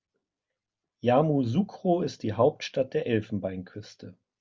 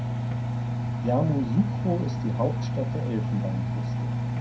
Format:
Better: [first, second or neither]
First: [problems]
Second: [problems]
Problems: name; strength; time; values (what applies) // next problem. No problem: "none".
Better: first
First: none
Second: background sound (Engine); 2 dB above the speech // room echo; dies away in 0.3 s